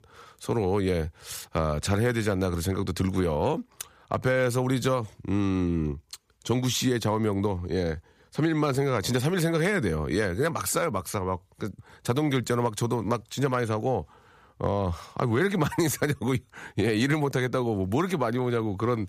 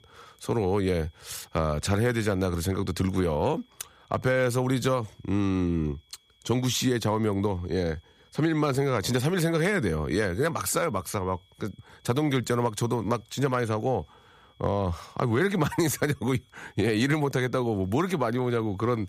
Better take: first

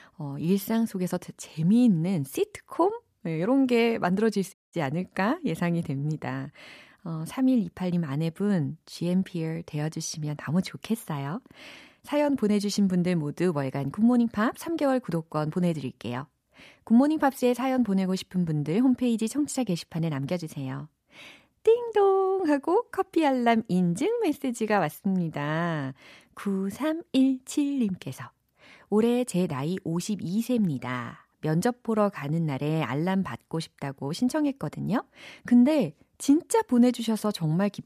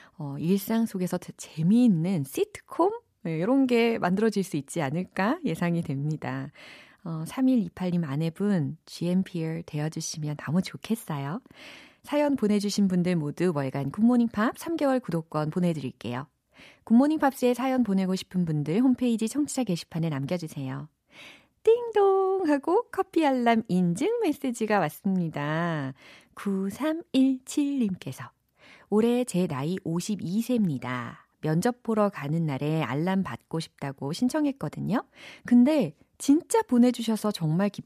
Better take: second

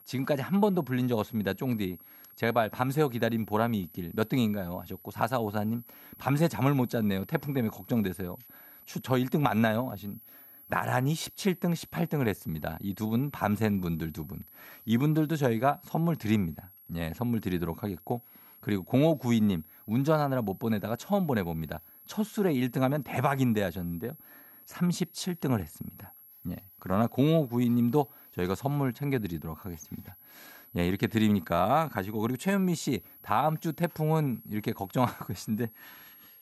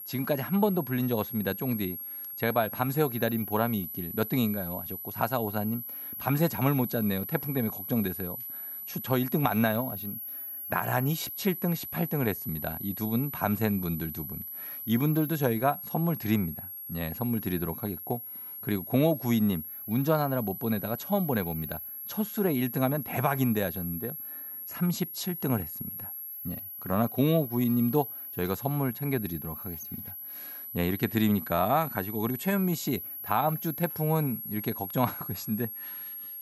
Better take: first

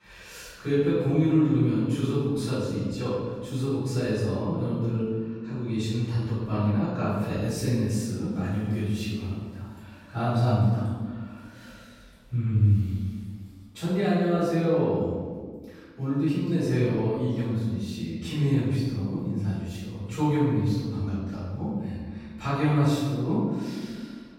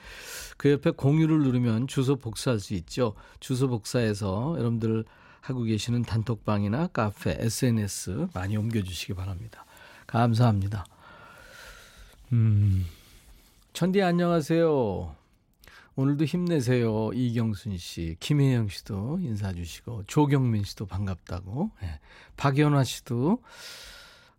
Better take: second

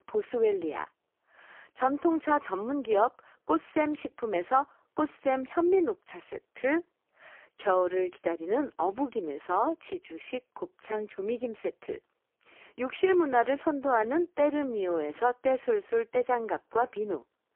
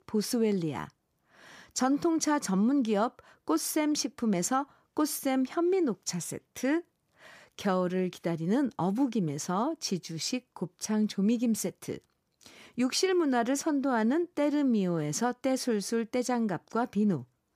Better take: second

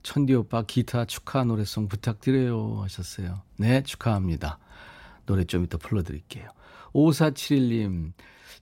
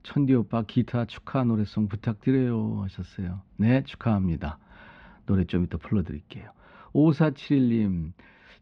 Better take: first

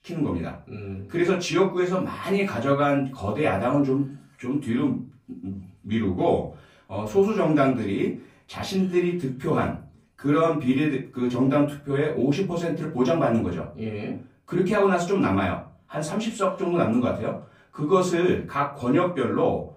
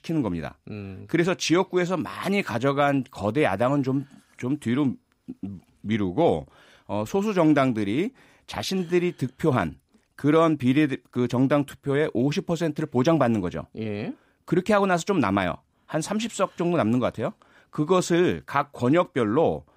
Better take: second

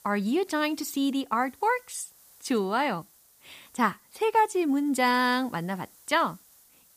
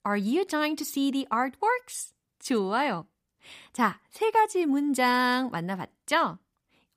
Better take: second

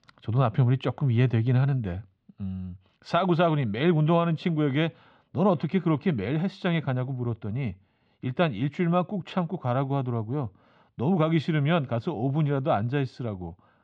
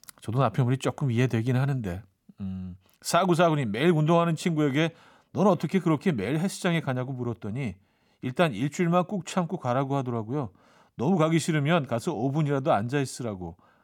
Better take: second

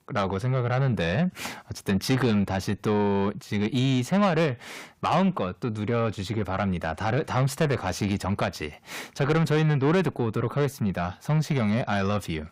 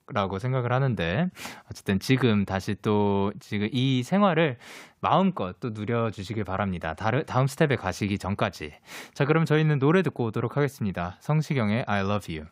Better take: second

